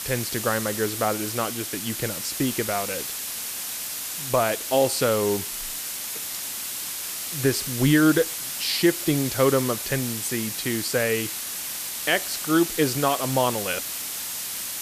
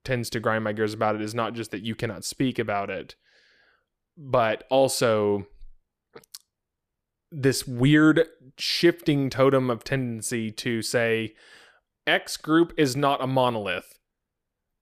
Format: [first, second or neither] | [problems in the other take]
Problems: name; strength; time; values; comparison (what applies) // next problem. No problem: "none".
second | hiss; loud; throughout; 4 dB below the speech